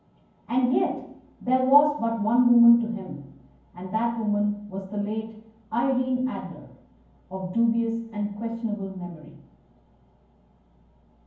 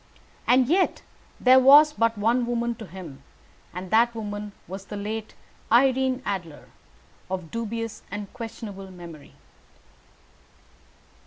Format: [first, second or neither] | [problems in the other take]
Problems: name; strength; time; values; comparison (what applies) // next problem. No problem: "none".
second | room echo; dies away in 0.9 s